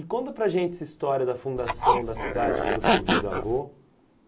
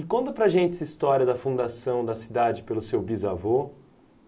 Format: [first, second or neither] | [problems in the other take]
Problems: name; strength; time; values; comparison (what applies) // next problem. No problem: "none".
second | background sound (Zipper (clothing)); 4 dB above the speech